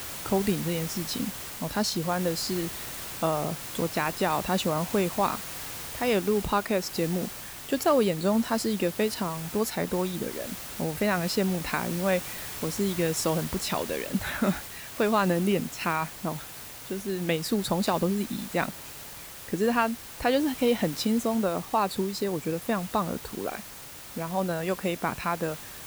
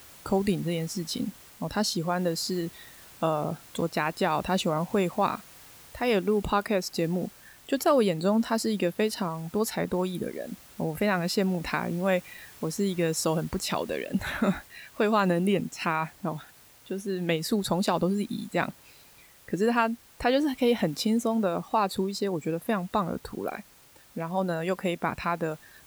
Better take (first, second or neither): second